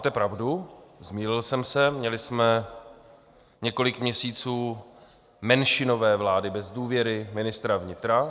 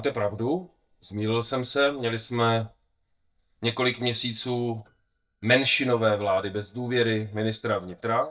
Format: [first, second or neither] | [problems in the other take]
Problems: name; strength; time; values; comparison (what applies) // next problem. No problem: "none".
first | noise reduction (neural mask model DeepFilterNet 3)